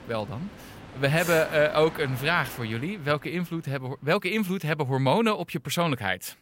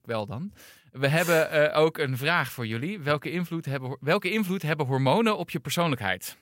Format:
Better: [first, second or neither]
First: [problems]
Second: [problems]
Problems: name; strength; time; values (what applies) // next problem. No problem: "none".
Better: second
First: train or aircraft noise; noticeable; throughout; 15 dB below the speech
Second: none